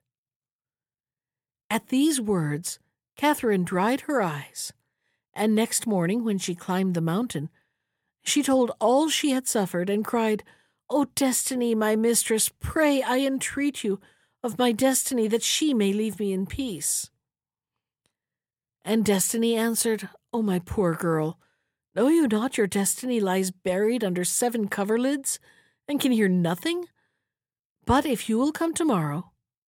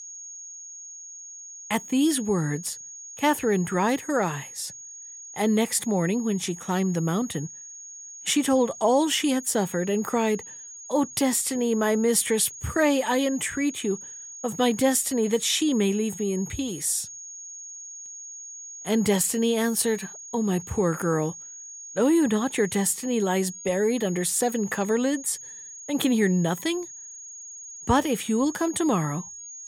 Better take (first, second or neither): first